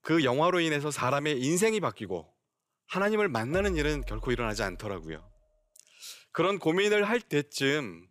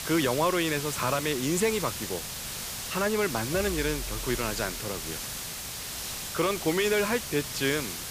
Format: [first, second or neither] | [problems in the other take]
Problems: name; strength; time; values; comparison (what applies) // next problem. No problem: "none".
first | hiss; loud; throughout; 5 dB below the speech